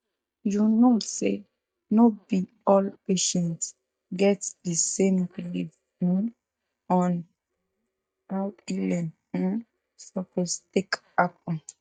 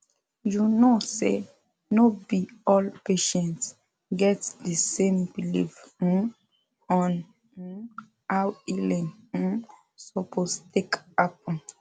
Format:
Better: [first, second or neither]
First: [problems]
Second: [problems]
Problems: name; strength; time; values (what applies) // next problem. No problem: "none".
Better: second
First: noise reduction (neural mask model DeepFilterNet 3)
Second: none